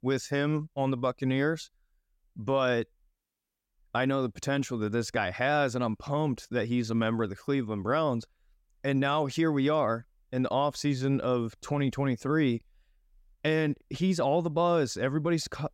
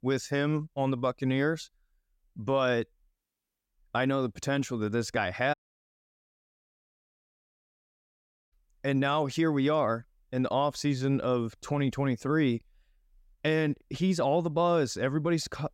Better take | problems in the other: first | audio cutting out; at 5.5 s for 3 s

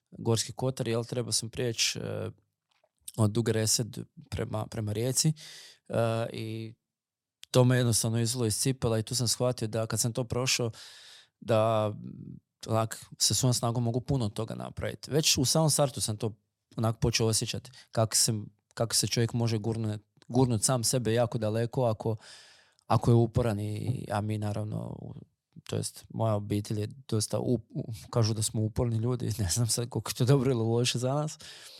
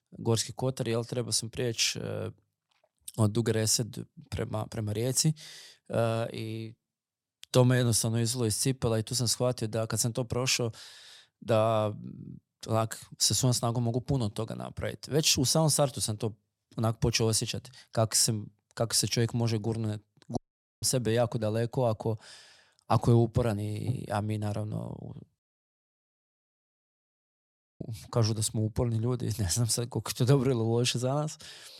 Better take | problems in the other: first | audio cutting out; at 20 s and at 25 s for 2.5 s

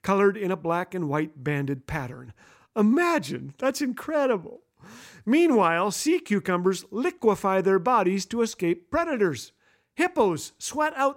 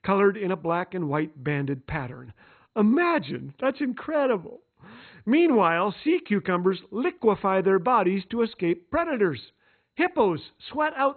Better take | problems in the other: first | garbled, watery; badly; nothing above 4 kHz

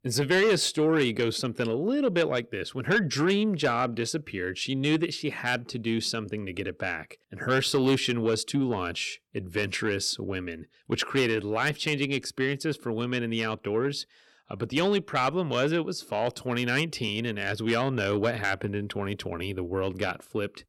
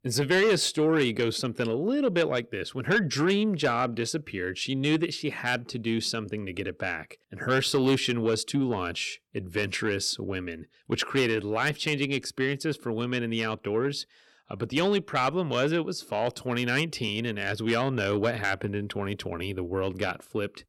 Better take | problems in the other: neither | distortion; slight; 10 dB below the speech; the same in both

